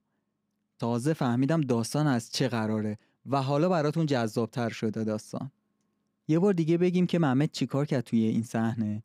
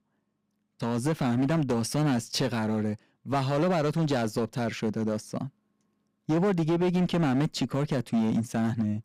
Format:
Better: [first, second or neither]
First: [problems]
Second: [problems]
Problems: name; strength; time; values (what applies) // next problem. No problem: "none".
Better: first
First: none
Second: distortion; slight; 11% of the sound clipped